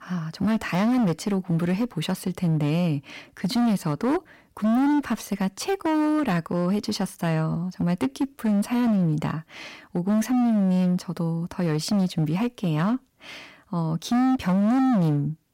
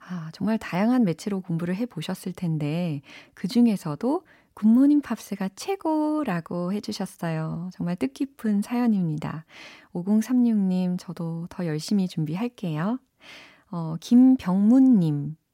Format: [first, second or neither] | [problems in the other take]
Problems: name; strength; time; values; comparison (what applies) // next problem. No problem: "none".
second | distortion; heavy; 18% of the sound clipped